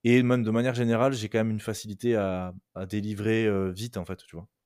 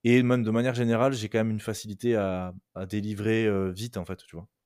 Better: neither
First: none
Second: none

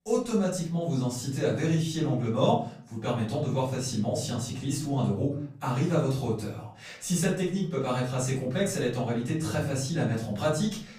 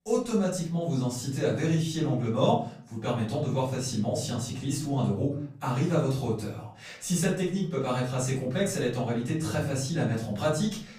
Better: neither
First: off-mic speech; far // room echo; slight; dies away in 0.5 s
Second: off-mic speech; far // room echo; slight; dies away in 0.5 s

